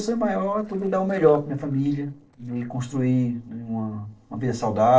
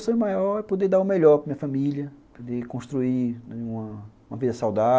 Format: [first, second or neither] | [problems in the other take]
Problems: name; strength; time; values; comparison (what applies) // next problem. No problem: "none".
second | noise reduction (neural separator model SepFormer DNS4)